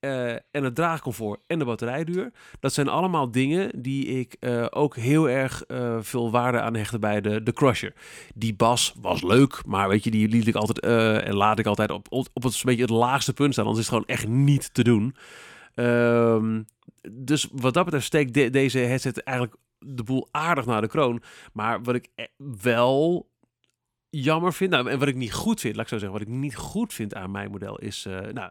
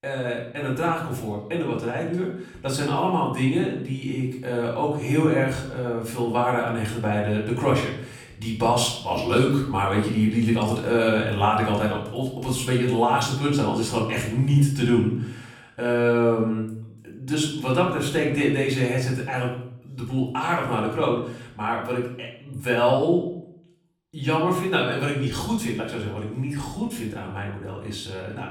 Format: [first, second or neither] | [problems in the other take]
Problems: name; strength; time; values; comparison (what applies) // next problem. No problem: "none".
first | off-mic speech; far // room echo; noticeable; dies away in 0.6 s